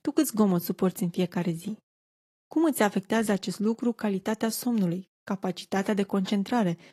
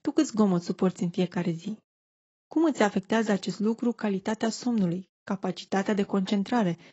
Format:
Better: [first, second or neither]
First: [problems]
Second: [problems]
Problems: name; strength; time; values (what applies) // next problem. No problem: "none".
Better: first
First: garbled, watery; slightly; nothing above 12.5 kHz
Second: garbled, watery; badly; nothing above 7.5 kHz